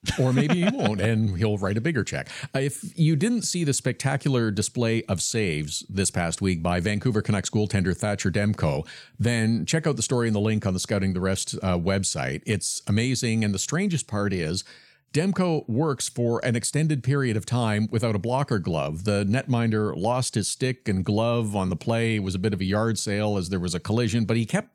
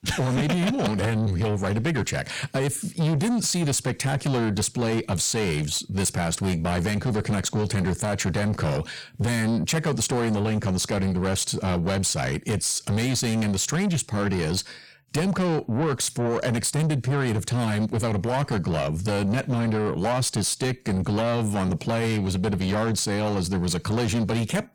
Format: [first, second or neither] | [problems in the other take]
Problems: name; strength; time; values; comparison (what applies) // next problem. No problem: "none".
first | distortion; heavy; 7 dB below the speech